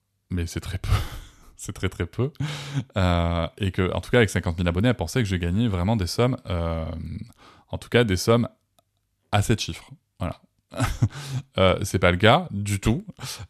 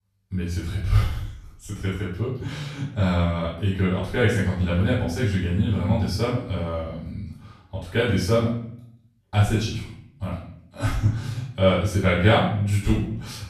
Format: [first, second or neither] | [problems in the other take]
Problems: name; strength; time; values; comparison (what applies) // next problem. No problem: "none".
first | off-mic speech; far // room echo; noticeable; dies away in 0.6 s